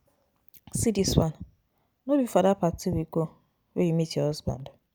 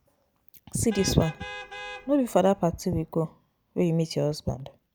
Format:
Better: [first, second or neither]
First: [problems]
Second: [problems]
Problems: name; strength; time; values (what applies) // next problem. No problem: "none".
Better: first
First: none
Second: background sound (Vehicle horn, car horn, honking); 15 dB below the speech